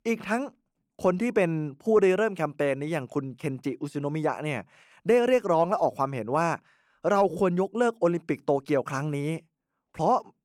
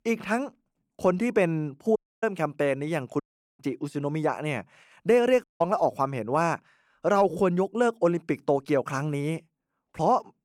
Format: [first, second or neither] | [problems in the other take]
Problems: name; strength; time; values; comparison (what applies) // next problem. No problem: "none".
first | audio cutting out; at 2 s, at 3 s and at 5.5 s